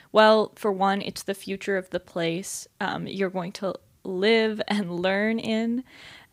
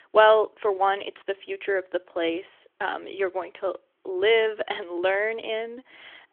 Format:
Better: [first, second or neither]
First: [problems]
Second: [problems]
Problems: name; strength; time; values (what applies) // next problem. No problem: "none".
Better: first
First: none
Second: phone-call audio